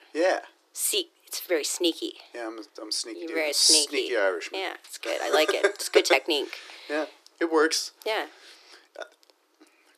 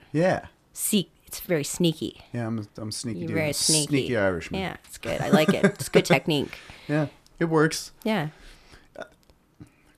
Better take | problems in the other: second | thin; very; fading below 300 Hz

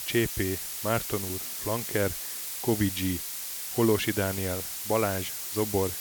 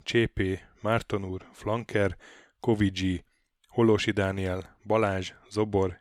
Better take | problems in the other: second | hiss; loud; throughout; 3 dB below the speech

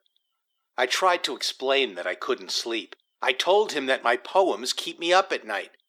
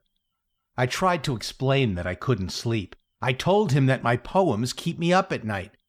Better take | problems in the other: second | thin; very; fading below 350 Hz

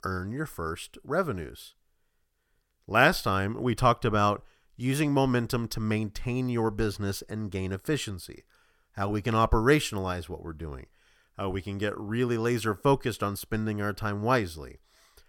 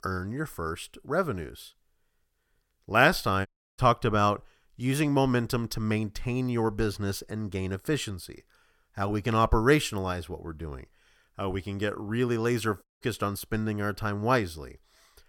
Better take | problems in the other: first | audio cutting out; at 3.5 s and at 13 s

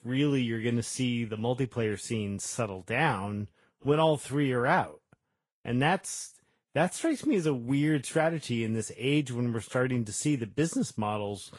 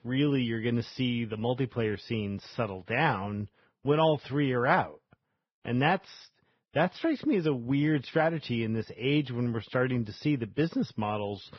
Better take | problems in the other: first | garbled, watery; badly; nothing above 5.5 kHz; slightly in the first

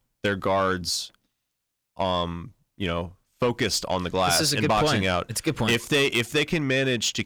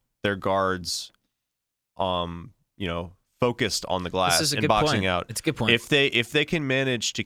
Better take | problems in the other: second | distortion; slight; 10 dB below the speech

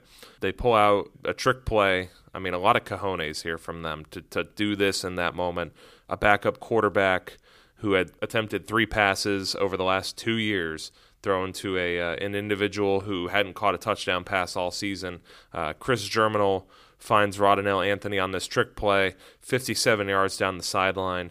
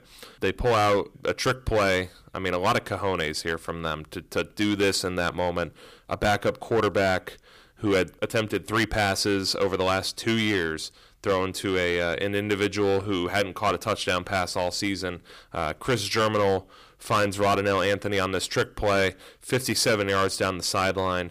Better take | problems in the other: first | distortion; heavy; 7% of the sound clipped

